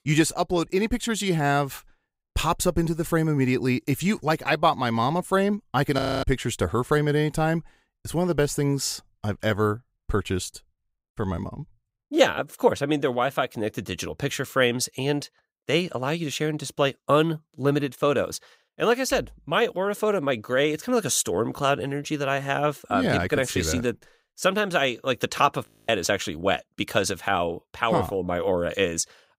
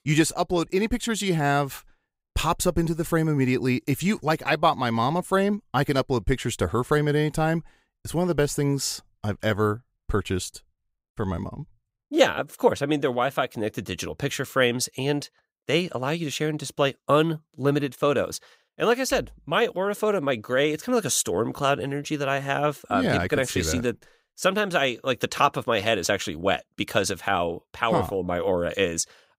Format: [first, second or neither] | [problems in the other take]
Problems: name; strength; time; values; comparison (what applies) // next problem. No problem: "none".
second | audio freezing; at 6 s and at 26 s